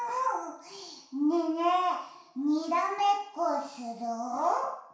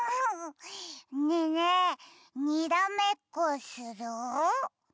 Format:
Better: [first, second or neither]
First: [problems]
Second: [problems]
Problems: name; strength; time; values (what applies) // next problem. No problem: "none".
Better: second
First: room echo; dies away in 0.6 s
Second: none